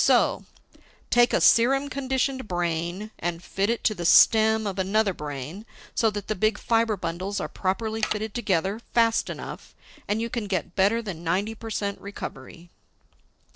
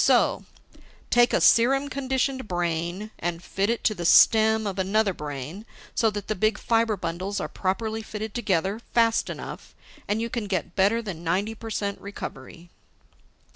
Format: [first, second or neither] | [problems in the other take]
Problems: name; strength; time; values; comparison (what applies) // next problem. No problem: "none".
second | noise reduction (neural separator model SepFormer DNS4)